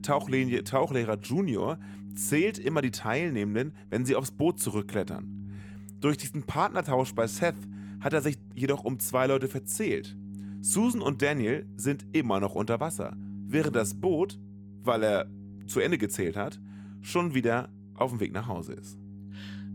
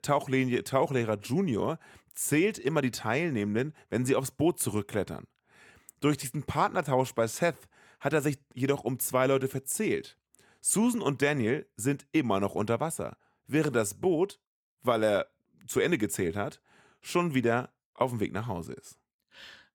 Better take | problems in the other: second | low rumble; faint; throughout; 20 dB below the speech

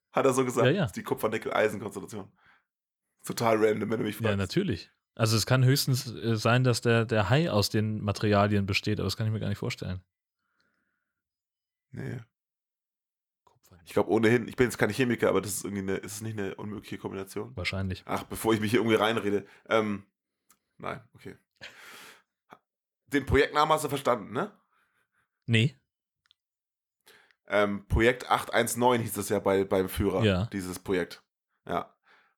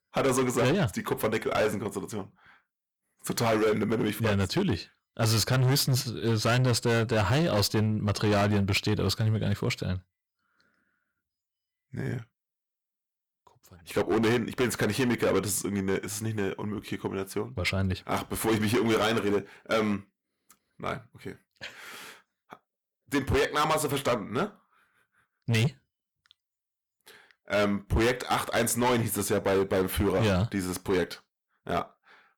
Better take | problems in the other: first | distortion; heavy; 11% of the sound clipped

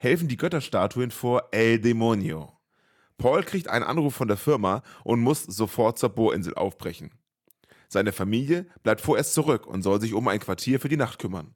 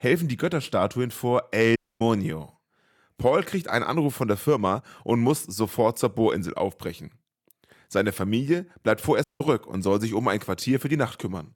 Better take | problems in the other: first | audio cutting out; at 2 s and at 9 s

